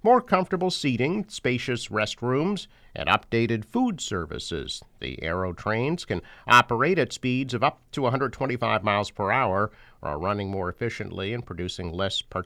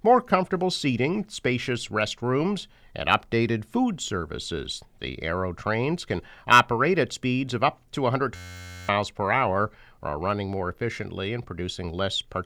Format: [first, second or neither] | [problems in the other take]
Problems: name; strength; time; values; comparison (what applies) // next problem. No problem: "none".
first | audio freezing; at 8.5 s for 0.5 s